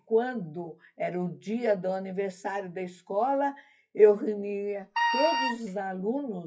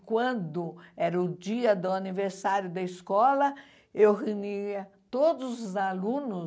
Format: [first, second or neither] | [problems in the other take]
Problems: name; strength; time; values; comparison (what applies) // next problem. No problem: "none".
second | noise reduction (classical method WPE with log-MMSE)